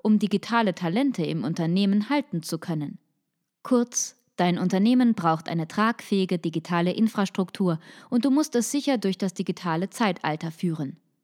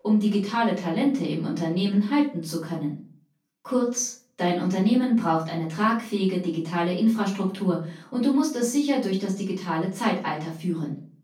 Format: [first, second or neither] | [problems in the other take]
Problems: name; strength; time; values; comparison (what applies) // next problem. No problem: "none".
first | off-mic speech; far // room echo; slight; dies away in 0.3 s